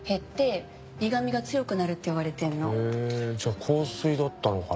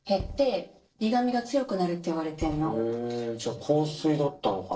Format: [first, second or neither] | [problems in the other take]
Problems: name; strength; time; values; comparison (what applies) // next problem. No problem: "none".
first | noise reduction (neural separator model SepFormer DNS4)